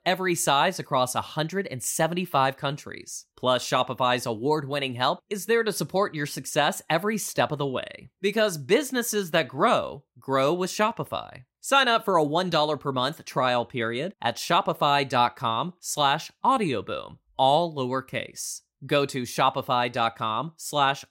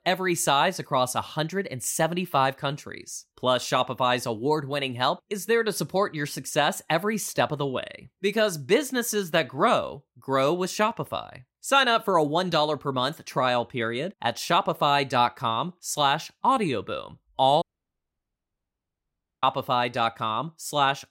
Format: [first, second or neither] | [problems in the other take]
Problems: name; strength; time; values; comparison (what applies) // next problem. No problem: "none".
first | audio cutting out; at 18 s for 2 s